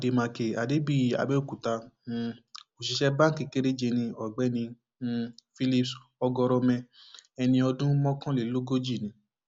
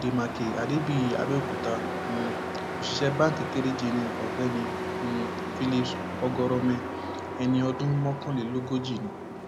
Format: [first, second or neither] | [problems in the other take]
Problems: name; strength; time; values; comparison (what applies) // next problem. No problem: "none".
first | background sound (Truck); 4 dB below the speech